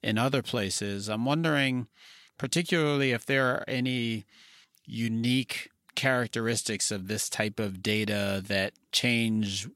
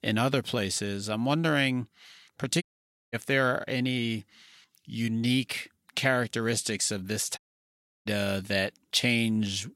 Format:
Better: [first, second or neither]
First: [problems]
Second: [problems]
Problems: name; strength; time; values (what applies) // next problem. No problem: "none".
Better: first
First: none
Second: audio cutting out; at 2.5 s for 0.5 s and at 7.5 s for 0.5 s